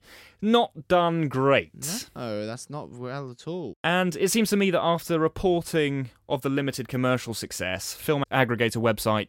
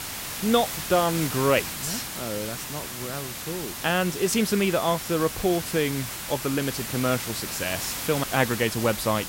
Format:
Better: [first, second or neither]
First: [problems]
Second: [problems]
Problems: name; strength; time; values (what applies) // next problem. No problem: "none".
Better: first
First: none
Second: hiss; loud; throughout; 6 dB below the speech